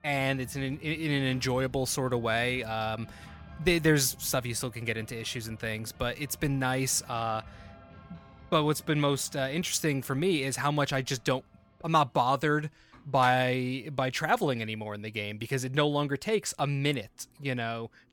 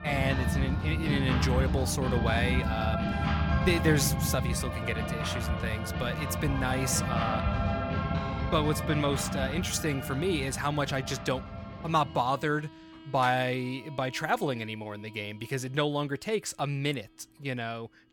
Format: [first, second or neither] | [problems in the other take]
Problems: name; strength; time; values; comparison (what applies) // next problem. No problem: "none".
first | background music; loud; throughout; 1 dB below the speech; faint in the first